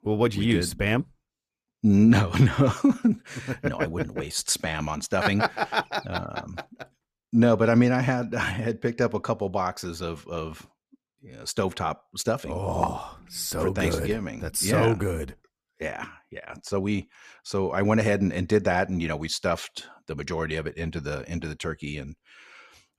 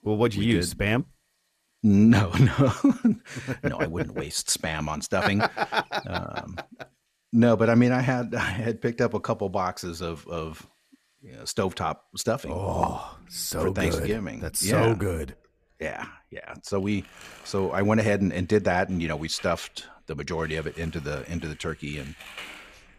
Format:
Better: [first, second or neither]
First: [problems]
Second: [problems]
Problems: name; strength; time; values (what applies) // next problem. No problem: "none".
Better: first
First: none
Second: household noises; faint; throughout; 20 dB below the speech